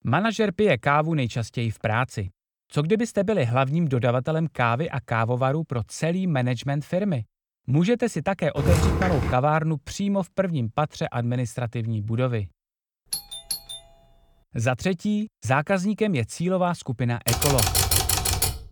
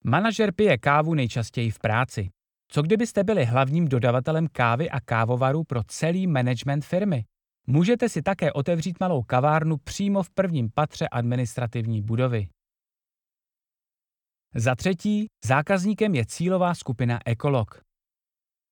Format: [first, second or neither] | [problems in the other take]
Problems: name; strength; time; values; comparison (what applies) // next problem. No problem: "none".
second | footsteps; loud; at 8.5 s; peak 3 dB above the speech // doorbell; noticeable; at 13 s; peak 6 dB below the speech // keyboard typing; loud; from 17 s on; peak 5 dB above the speech